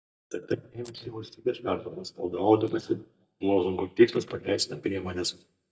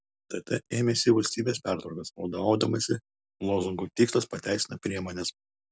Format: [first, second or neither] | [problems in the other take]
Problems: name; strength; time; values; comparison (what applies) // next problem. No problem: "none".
second | noise reduction (neural mask model DeepFilterNet 3)